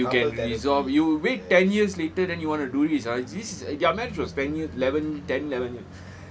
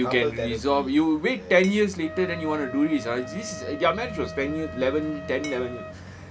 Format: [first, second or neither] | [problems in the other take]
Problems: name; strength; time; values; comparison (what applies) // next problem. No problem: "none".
first | background sound (Glass + Wind instrument, woodwind instrument); 15 dB below the speech